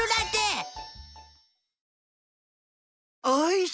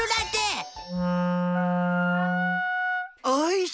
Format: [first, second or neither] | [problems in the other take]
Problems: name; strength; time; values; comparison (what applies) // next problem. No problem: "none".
first | background sound (Wind instrument, woodwind instrument + Wind instrument, woodwind instrument); 4 dB above the speech